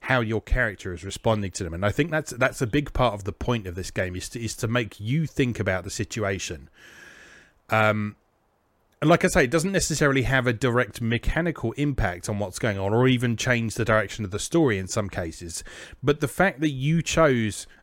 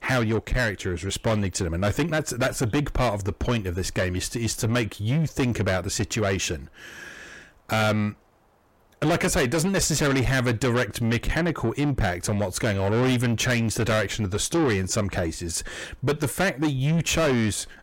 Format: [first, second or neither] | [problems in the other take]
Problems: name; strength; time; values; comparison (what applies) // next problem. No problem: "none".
first | distortion; heavy; 6 dB below the speech